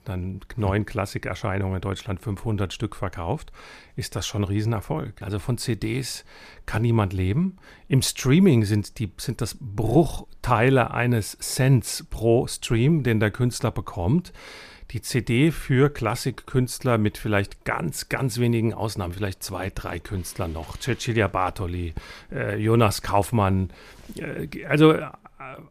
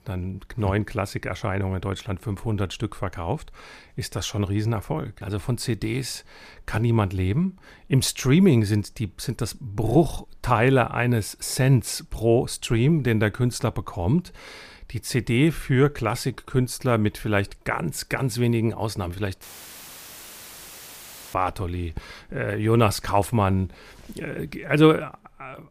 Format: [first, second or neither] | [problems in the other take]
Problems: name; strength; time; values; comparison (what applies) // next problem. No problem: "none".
first | audio cutting out; filled with static; at 19 s for 2 s